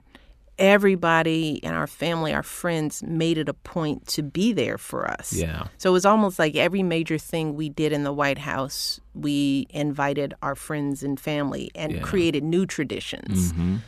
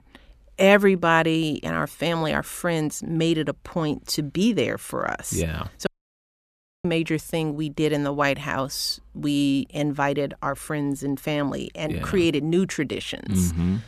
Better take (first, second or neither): first